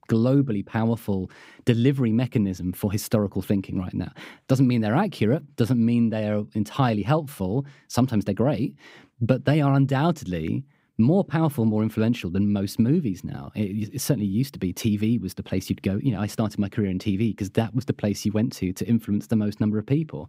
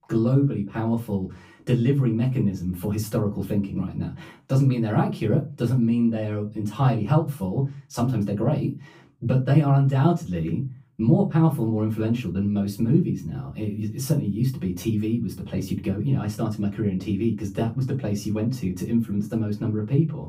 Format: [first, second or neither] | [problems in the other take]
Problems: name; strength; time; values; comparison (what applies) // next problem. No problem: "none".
first | off-mic speech; far // room echo; very slight; dies away in 0.3 s